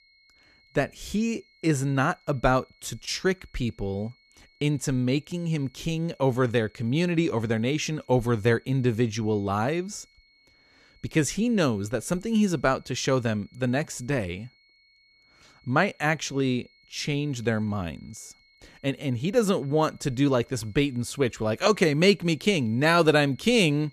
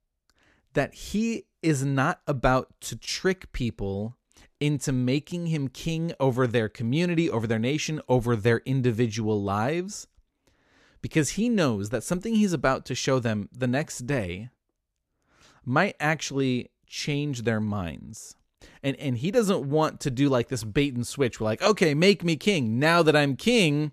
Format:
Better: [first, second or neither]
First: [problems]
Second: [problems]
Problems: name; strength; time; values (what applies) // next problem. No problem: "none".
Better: second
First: high-pitched whine; faint; throughout; 2 kHz, 35 dB below the speech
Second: none